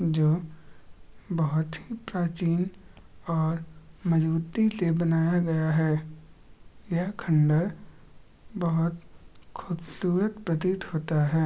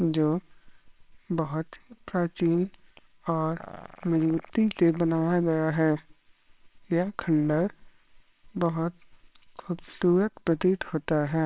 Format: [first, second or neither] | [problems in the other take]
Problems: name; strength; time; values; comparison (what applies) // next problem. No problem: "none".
first | noise reduction (neural separator model SepFormer WHAMR!)